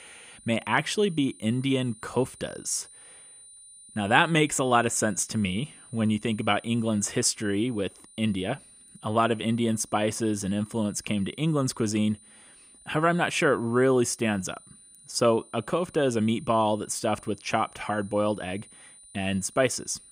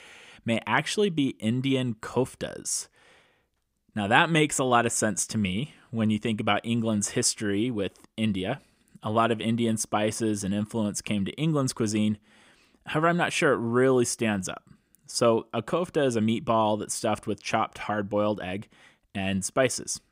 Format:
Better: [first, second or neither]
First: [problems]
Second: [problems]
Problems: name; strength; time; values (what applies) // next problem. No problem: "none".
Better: second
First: high-pitched whine; faint; throughout; 9.5 kHz, 25 dB below the speech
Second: none